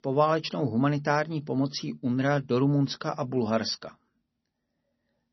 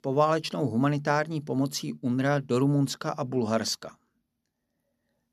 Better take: second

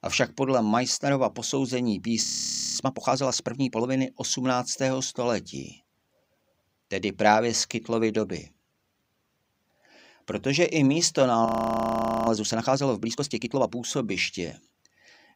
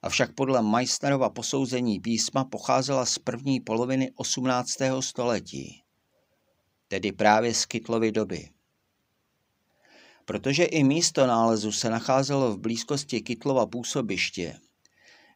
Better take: second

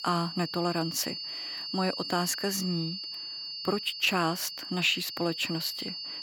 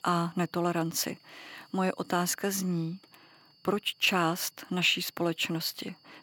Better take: second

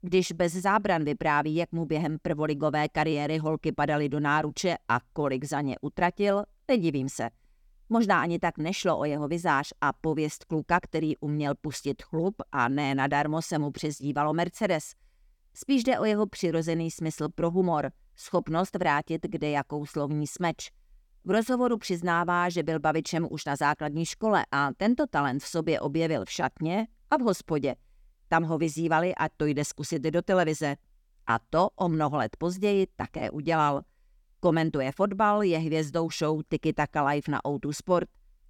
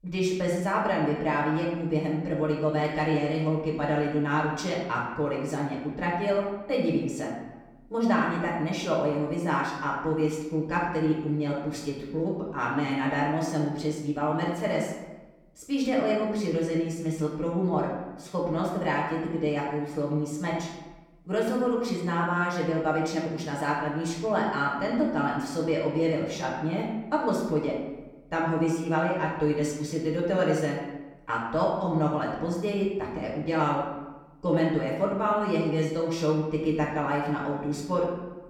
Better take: first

